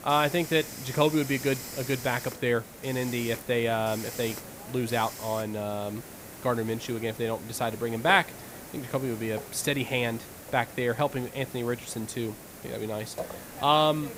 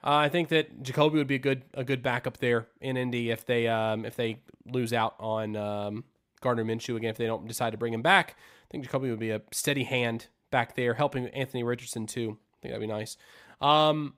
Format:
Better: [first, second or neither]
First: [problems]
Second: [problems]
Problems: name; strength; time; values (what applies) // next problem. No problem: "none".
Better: second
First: hiss; noticeable; throughout; 10 dB below the speech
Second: none